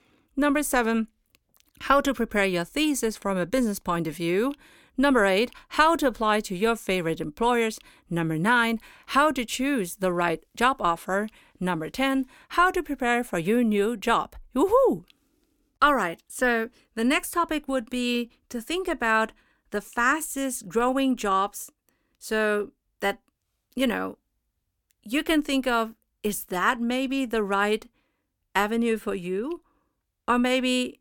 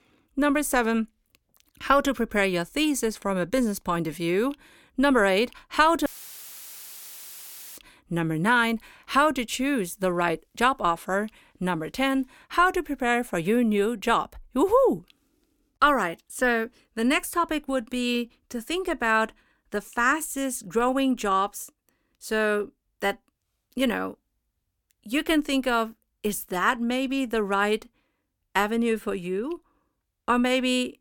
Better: first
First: none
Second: audio cutting out; filled with static; at 6 s for 1.5 s

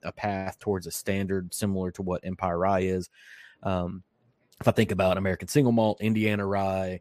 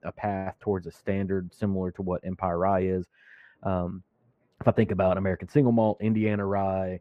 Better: first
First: none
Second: muffled; very; fading above 3.5 kHz

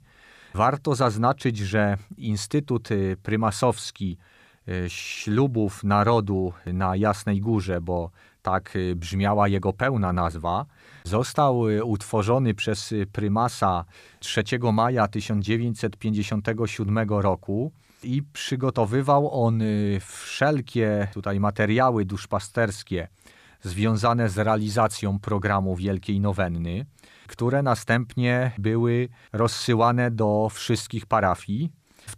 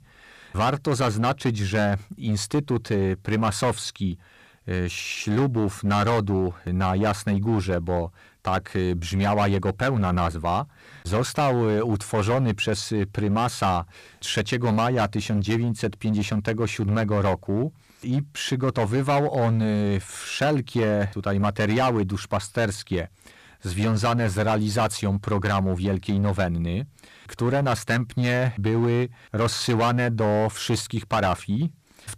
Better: first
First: none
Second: distortion; slight; 12% of the sound clipped

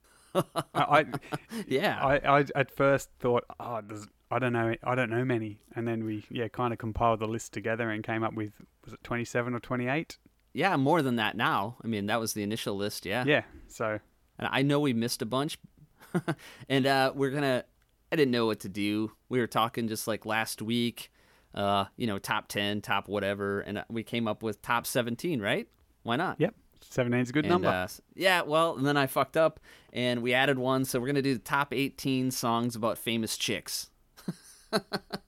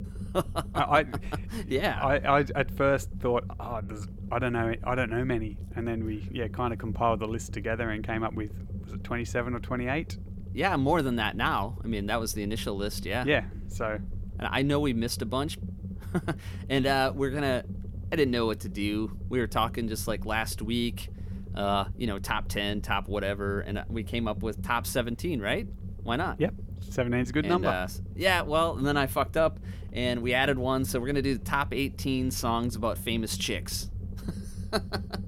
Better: first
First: none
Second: low rumble; faint; throughout; 20 dB below the speech

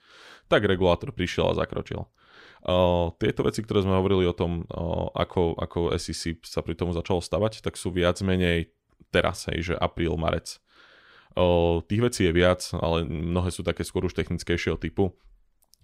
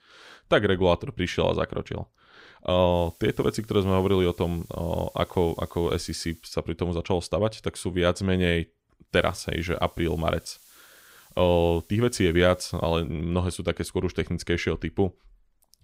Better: first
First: none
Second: hiss; faint; from 3 to 6.5 s and from 9 to 13 s; 25 dB below the speech

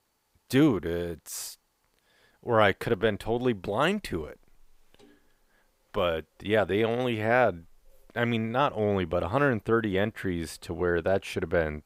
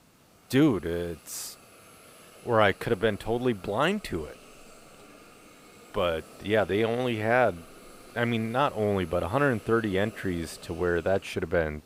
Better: first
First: none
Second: hiss; faint; throughout; 20 dB below the speech

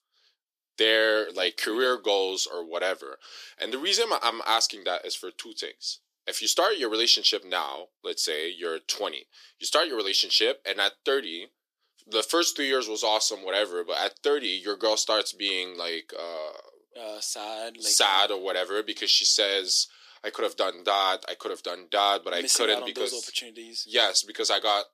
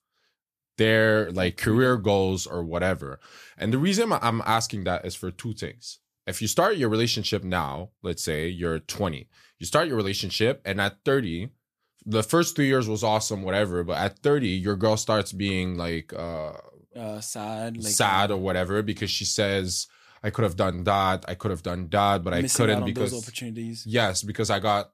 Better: second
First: thin; very; fading below 350 Hz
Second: none

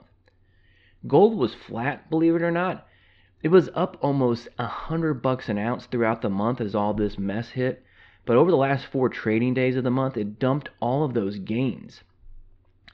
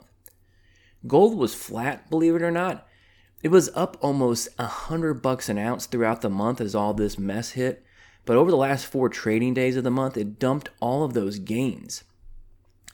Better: second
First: muffled; slightly; fading above 4 kHz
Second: none

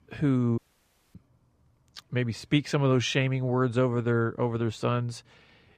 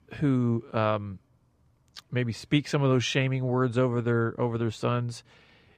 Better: second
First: audio cutting out; at 0.5 s for 0.5 s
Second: none

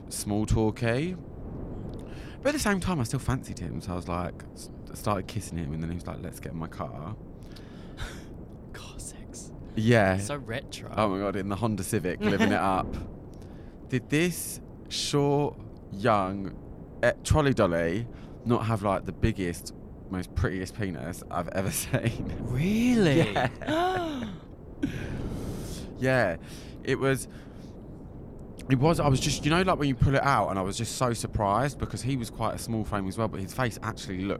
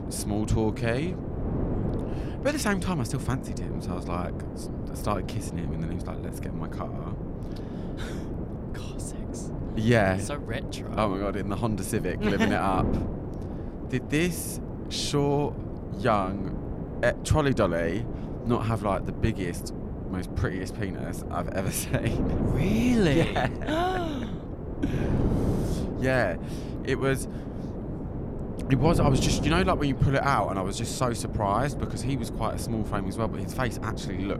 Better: first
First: wind noise on the microphone; occasional gusts; 20 dB below the speech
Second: wind noise on the microphone; heavy; 9 dB below the speech

